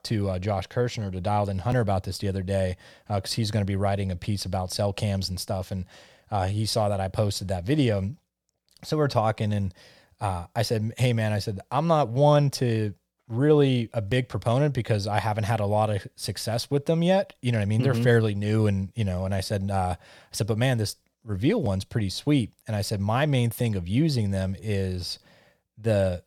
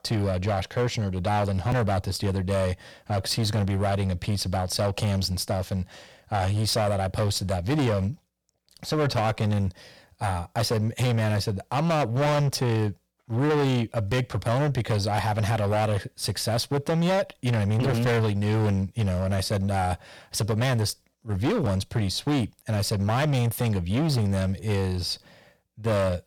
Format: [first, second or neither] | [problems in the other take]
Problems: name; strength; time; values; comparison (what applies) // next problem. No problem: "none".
first | distortion; heavy; 19% of the sound clipped